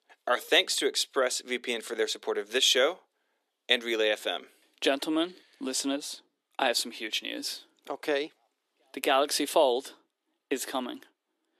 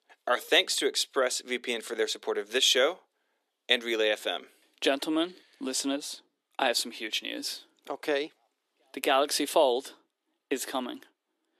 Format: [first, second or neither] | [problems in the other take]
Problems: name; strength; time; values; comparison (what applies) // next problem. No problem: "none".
neither | thin; somewhat; fading below 350 Hz; the same in both